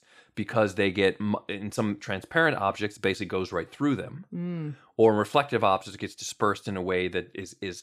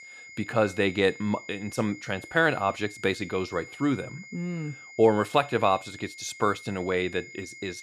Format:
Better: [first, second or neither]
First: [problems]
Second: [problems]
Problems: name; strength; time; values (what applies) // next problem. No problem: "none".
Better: first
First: none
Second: high-pitched whine; noticeable; throughout; 2 kHz, 15 dB below the speech